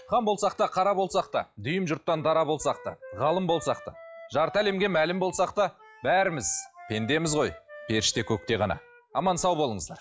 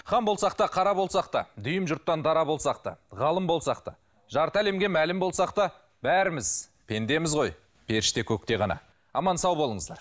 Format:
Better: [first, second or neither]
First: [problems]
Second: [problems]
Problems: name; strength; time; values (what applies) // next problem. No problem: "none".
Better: second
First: noise reduction (classical method log-MMSE)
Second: none